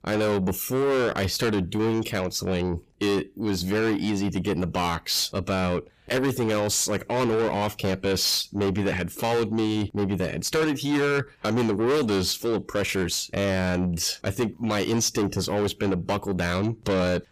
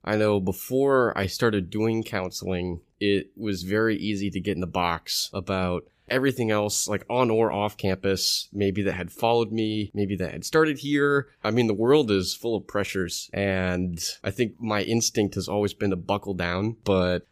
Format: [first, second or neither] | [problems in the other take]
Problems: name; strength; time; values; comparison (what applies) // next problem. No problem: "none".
second | distortion; heavy; 7 dB below the speech